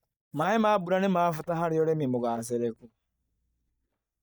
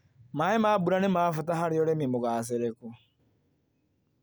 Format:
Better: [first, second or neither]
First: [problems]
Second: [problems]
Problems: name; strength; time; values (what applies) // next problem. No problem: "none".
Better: second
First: noise reduction (neural mask model DeepFilterNet 3)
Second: none